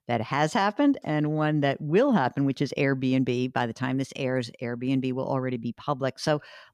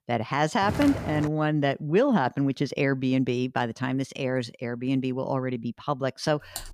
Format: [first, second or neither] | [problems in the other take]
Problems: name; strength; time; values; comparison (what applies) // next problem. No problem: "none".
first | footsteps; noticeable; at 0.5 s; peak 5 dB below the speech // keyboard typing; very faint; at 6.5 s; peak 15 dB below the speech